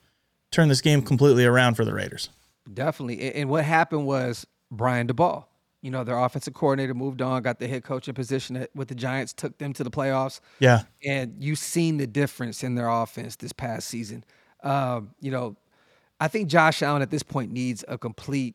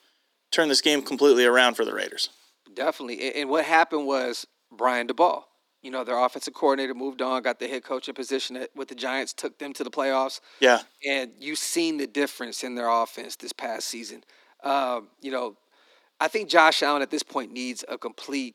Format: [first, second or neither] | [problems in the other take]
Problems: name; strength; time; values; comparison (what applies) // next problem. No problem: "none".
first | thin; somewhat; fading below 300 Hz